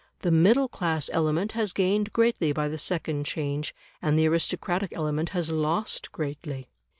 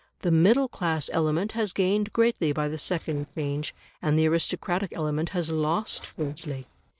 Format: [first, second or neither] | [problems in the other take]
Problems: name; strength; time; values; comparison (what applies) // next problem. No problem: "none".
first | noise reduction (neural separator model SepFormer DNS4)